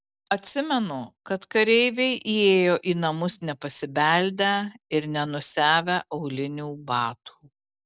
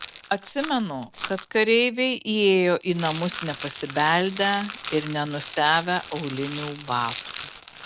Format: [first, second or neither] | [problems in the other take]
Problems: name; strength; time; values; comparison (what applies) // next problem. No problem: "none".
first | background sound (Rattle); 14 dB below the speech